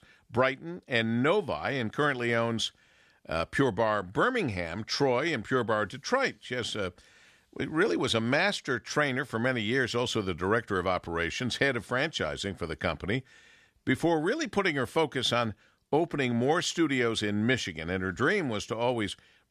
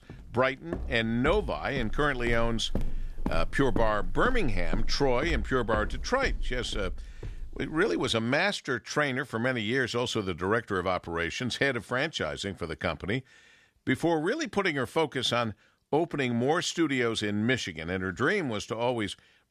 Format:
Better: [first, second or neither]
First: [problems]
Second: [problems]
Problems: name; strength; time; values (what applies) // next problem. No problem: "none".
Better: first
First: none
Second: footsteps; noticeable; from 0.5 to 7.5 s; peak 7 dB below the speech